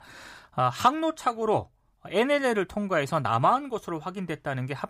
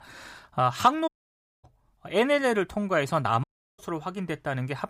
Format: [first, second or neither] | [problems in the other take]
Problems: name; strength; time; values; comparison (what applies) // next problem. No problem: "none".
first | audio cutting out; at 1 s for 0.5 s and at 3.5 s